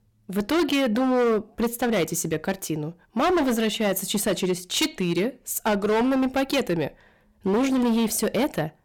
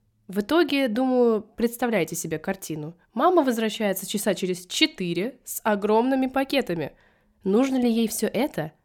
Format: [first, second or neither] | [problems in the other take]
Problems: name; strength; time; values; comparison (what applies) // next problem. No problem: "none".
second | distortion; heavy; 15% of the sound clipped